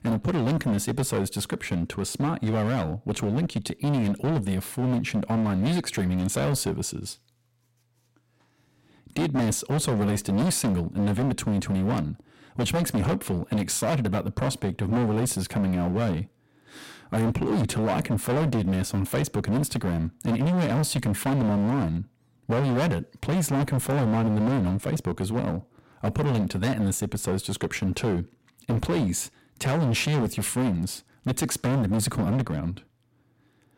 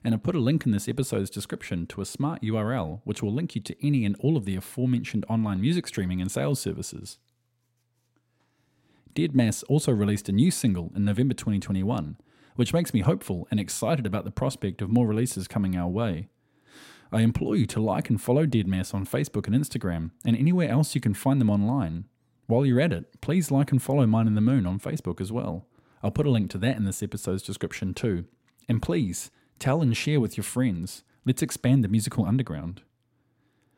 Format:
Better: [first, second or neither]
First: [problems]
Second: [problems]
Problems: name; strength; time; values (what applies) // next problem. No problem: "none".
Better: second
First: distortion; heavy; 22% of the sound clipped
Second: none